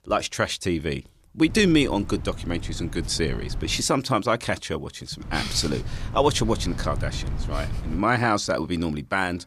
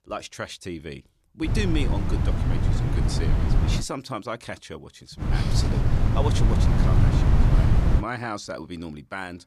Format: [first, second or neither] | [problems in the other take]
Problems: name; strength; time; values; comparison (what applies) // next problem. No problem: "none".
first | wind noise on the microphone; heavy; from 1.5 to 4 s and from 5 to 8 s; as loud as the speech; occasional gusts in the first